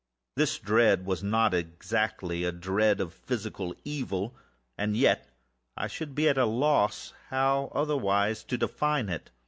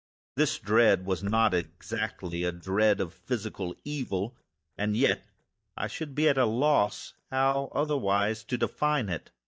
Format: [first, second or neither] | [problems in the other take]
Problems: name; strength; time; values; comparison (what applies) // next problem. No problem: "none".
first | noise reduction (neural mask model DeepFilterNet 3)